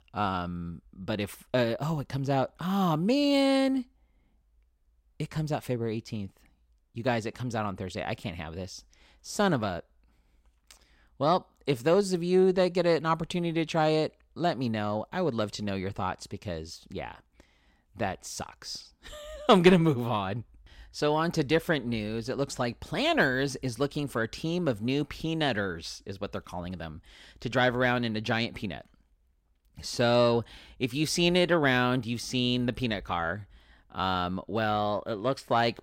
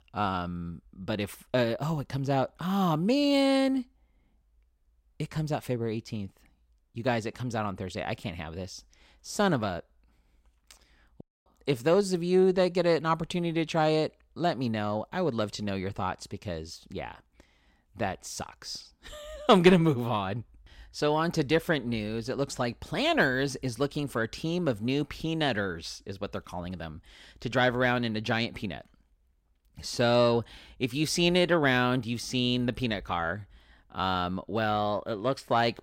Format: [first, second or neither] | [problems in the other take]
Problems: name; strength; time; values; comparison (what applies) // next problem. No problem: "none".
first | audio cutting out; at 11 s